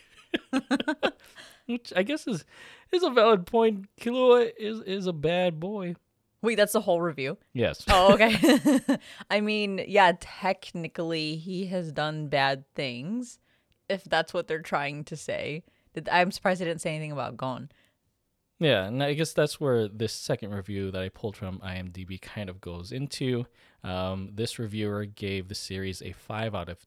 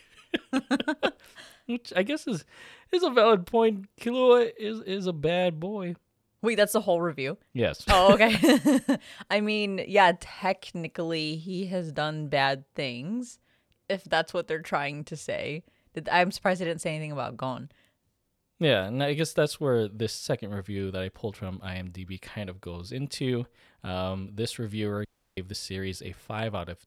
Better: first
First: none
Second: audio cutting out; at 25 s

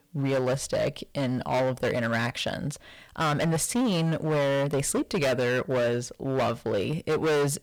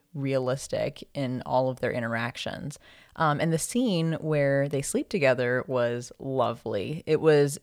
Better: second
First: distortion; heavy; 20% of the sound clipped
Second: none

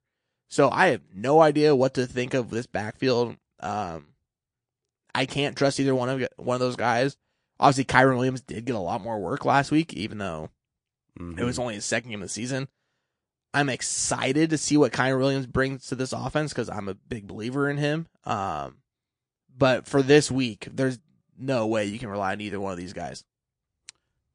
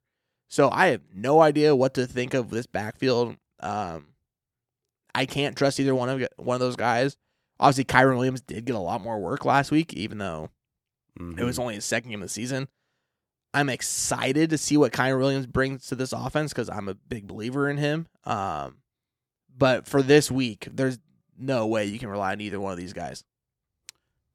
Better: second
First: garbled, watery; slightly; nothing above 8.5 kHz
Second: none

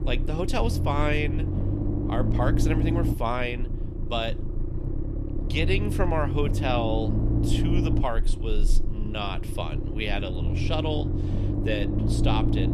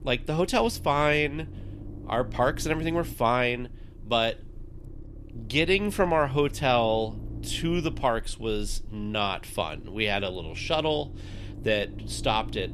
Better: second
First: low rumble; loud; throughout; 6 dB below the speech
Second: low rumble; faint; throughout; 25 dB below the speech

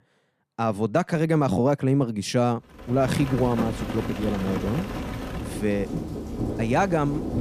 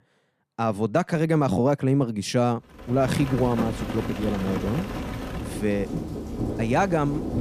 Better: neither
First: rain or running water; loud; from 3 s on; 7 dB below the speech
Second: rain or running water; loud; from 3 s on; 7 dB below the speech

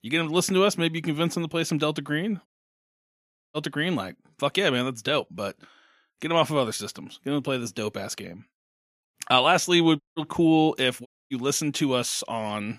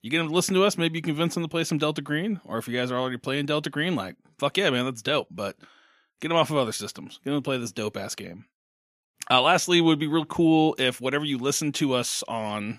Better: second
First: audio cutting out; at 2.5 s for 1 s, at 10 s and at 11 s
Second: none

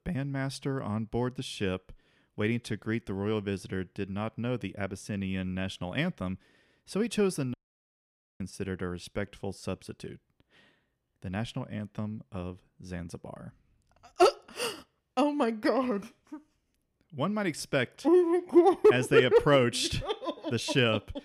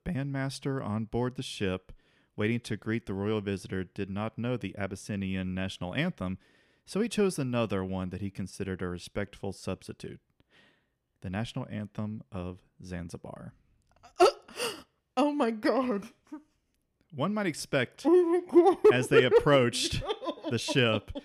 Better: second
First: audio cutting out; at 7.5 s for 1 s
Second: none

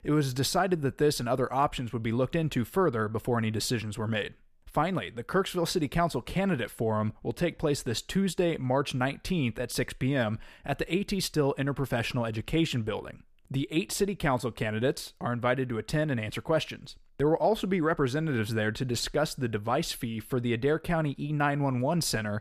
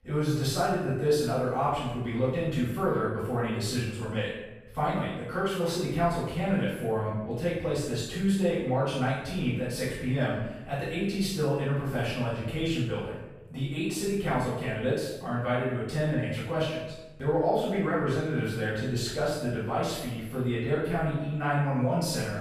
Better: first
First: none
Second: off-mic speech; far // room echo; strong; dies away in 0.8 s

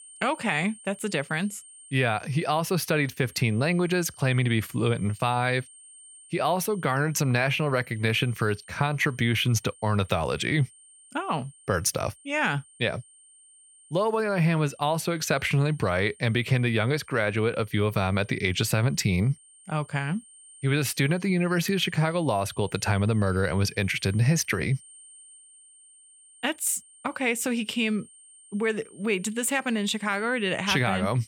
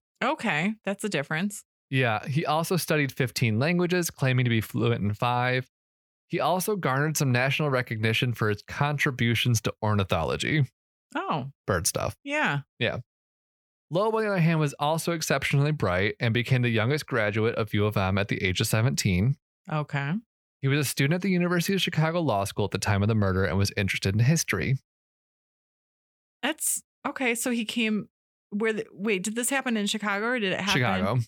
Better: second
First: high-pitched whine; faint; throughout; 8.5 kHz, 25 dB below the speech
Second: none

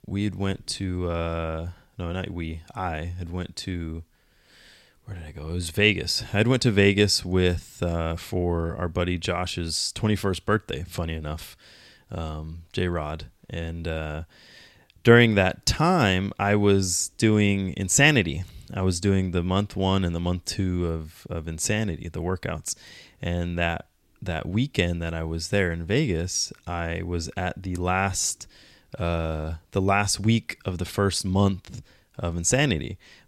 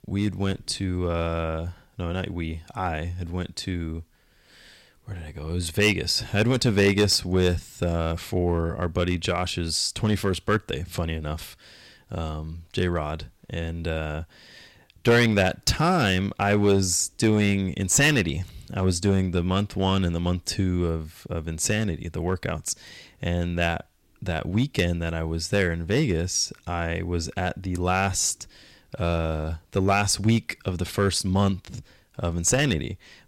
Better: first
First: none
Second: distortion; slight; 2% of the sound clipped

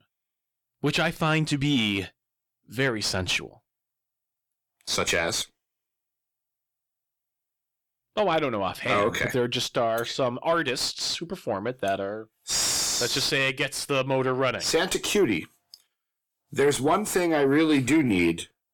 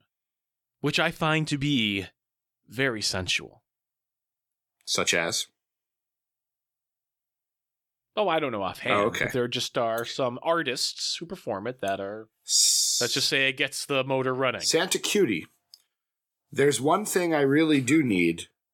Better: second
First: distortion; slight; 10 dB below the speech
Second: none

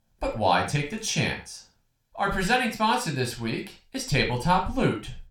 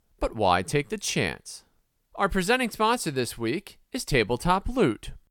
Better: second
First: room echo; slight; dies away in 0.3 s // off-mic speech; somewhat distant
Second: none

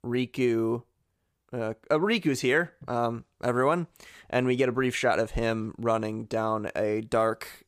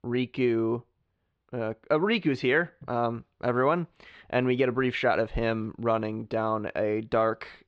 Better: first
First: none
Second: muffled; very slightly; fading above 4 kHz

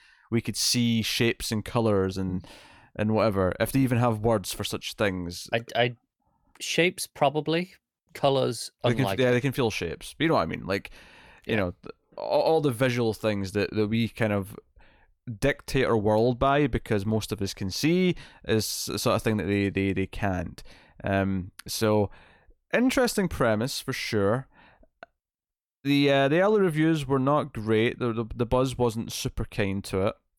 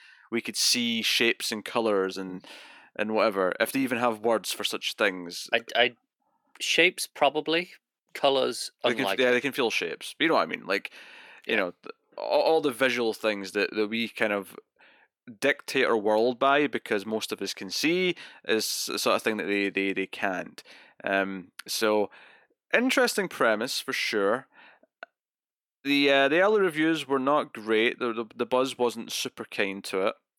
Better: first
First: none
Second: thin; very slightly; fading below 250 Hz

